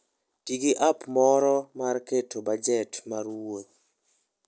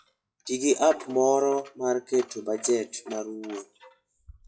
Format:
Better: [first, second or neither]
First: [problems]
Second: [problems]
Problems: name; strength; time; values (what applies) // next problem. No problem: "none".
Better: first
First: none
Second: noise reduction (classical method WPE with log-MMSE)